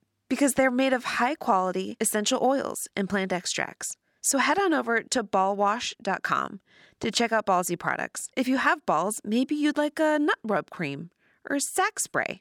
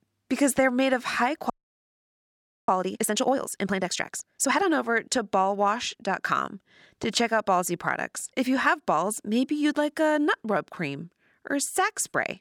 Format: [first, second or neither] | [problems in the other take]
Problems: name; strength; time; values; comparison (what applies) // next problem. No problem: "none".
first | audio freezing; at 1.5 s for 1 s